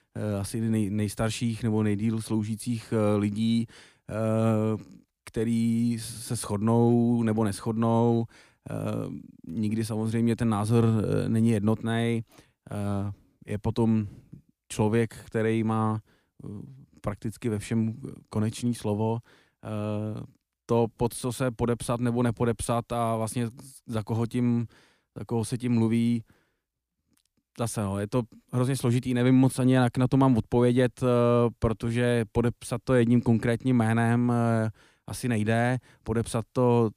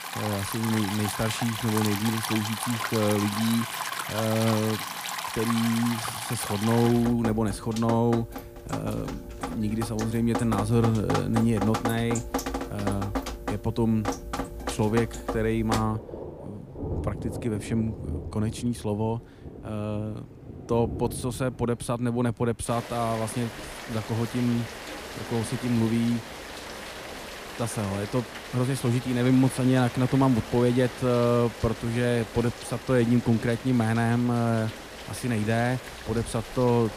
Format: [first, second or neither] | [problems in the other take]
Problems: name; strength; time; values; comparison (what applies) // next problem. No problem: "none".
first | rain or running water; loud; throughout; 8 dB below the speech